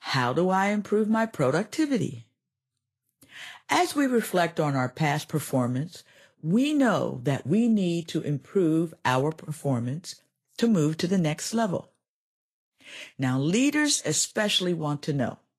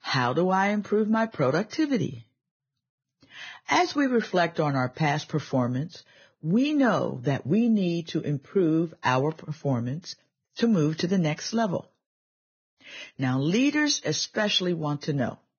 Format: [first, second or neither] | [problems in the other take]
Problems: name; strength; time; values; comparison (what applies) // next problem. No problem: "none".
first | garbled, watery; badly; nothing above 6.5 kHz; slightly in the first